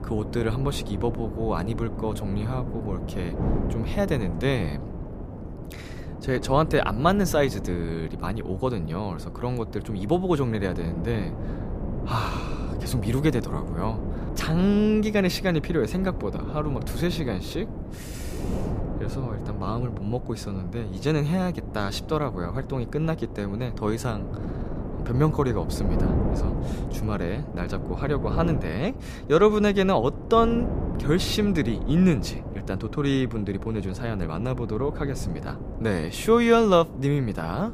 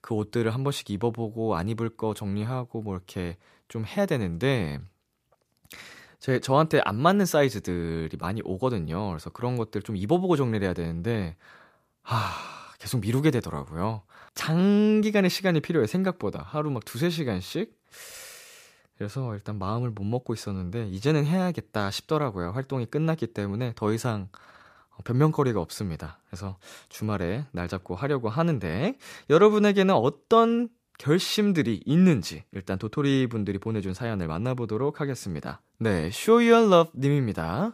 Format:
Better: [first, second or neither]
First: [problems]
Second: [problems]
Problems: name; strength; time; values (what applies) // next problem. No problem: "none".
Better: second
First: wind noise on the microphone; occasional gusts; 10 dB below the speech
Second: none